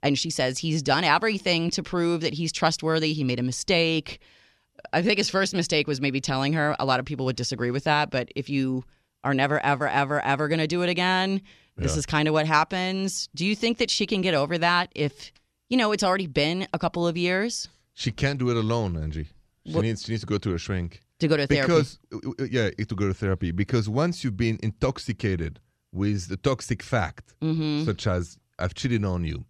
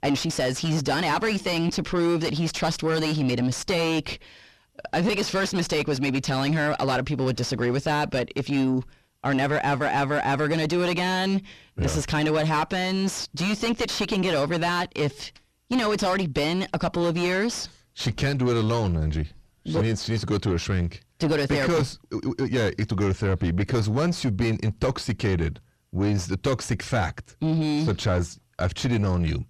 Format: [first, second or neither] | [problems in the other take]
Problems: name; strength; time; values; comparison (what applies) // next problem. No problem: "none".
first | distortion; heavy; 6 dB below the speech